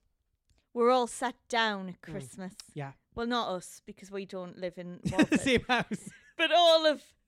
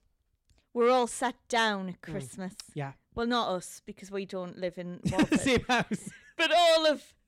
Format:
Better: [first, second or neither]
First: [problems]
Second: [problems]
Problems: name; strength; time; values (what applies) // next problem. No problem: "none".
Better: first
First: none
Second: distortion; slight; 10 dB below the speech